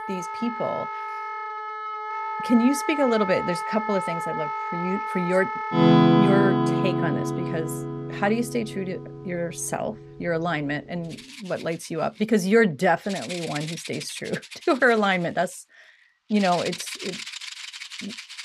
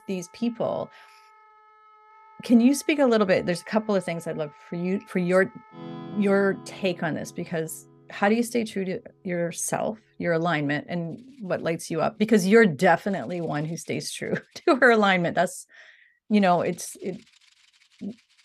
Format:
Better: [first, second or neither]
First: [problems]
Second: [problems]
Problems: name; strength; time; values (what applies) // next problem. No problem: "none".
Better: second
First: background music; loud; throughout; 1 dB below the speech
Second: background music; faint; throughout; 25 dB below the speech